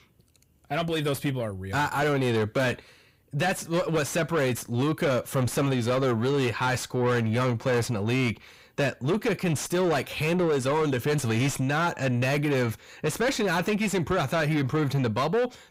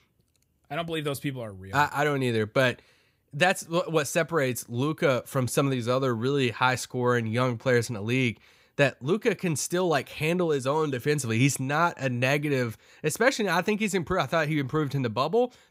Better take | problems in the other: second | distortion; heavy; 7 dB below the speech

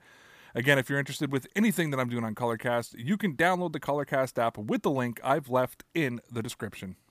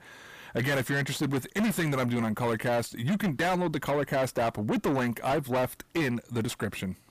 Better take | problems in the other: first | distortion; heavy; 5 dB below the speech

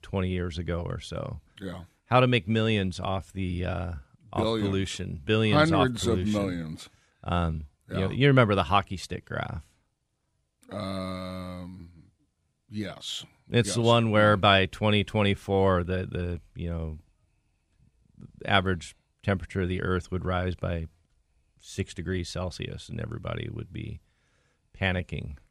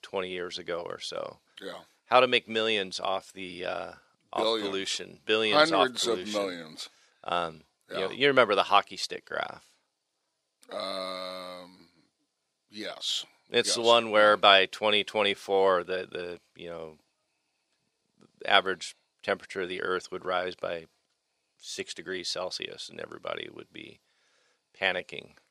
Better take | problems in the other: first | thin; very; fading below 500 Hz

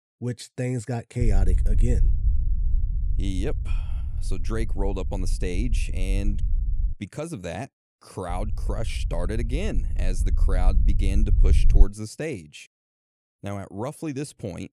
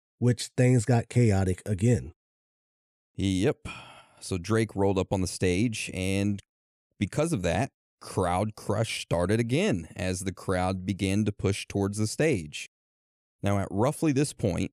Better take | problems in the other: second | low rumble; noticeable; from 1 to 7 s and from 8.5 to 12 s; 10 dB below the speech

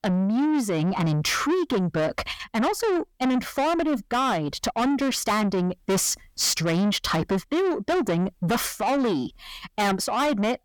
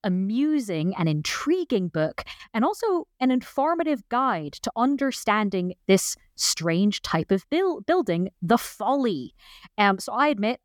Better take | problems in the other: second | distortion; heavy; 6 dB below the speech

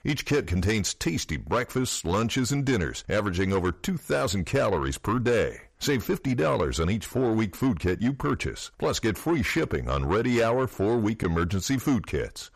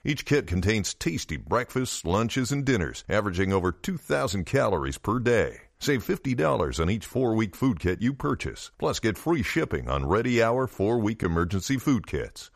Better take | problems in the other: second | distortion; slight; 10 dB below the speech

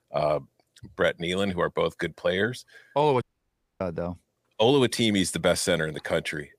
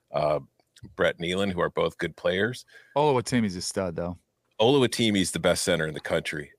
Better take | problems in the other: second | audio cutting out; at 3 s for 0.5 s

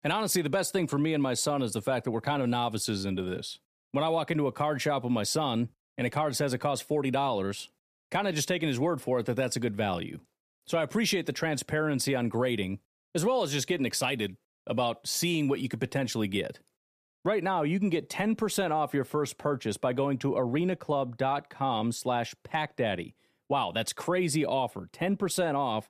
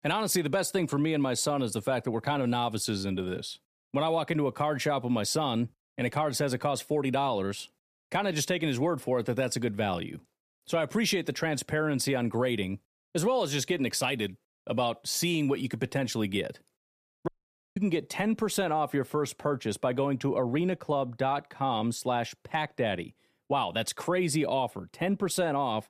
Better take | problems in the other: first | audio cutting out; at 17 s

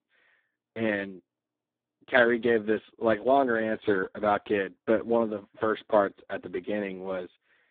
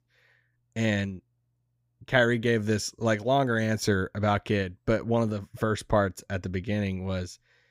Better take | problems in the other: second | phone-call audio; poor line; nothing above 3.5 kHz

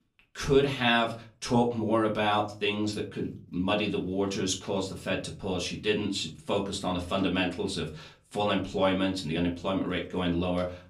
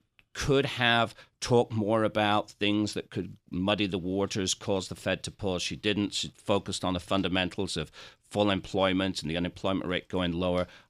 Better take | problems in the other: second | off-mic speech; far // room echo; very slight; dies away in 0.3 s

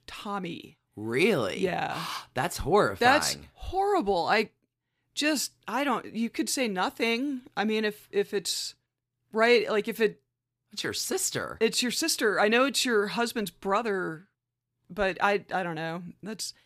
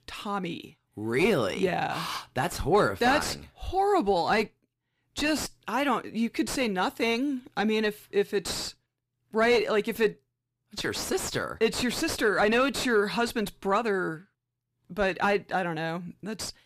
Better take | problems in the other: first | distortion; slight; 9 dB below the speech

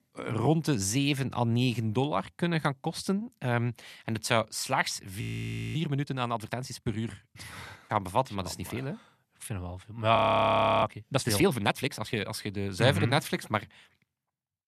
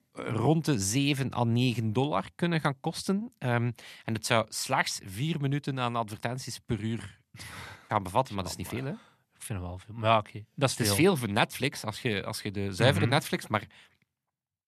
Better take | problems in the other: second | audio freezing; at 5 s for 0.5 s and at 10 s for 0.5 s

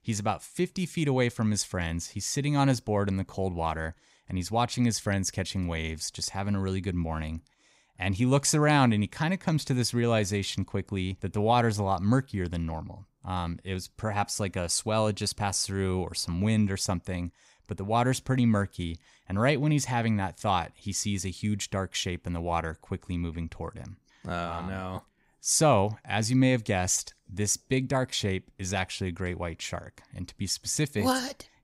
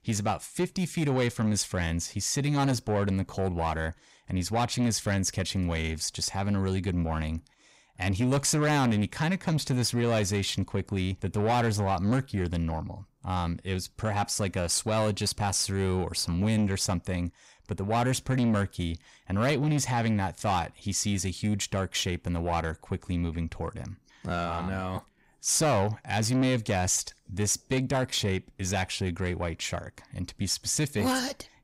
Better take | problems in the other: first | distortion; slight; 10 dB below the speech

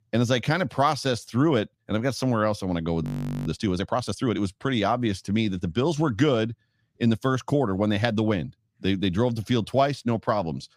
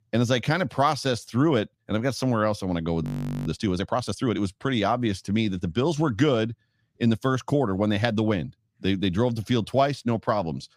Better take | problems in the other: neither | audio freezing; at 3 s; the same in both

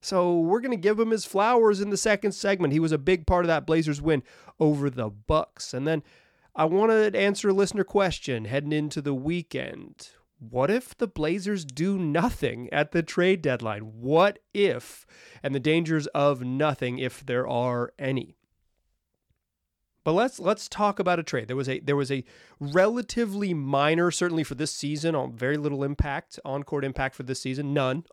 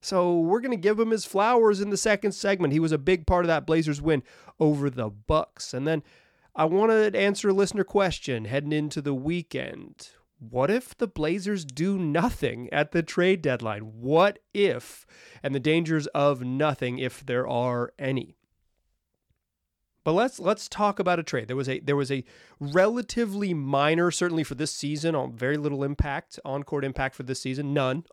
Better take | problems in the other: neither | none

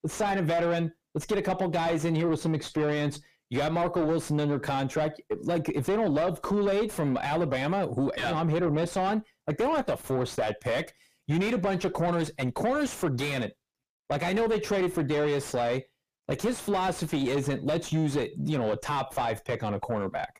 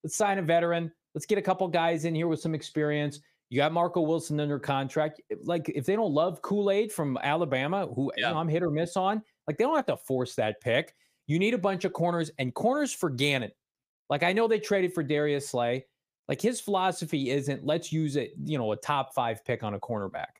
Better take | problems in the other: second | distortion; heavy; 7 dB below the speech

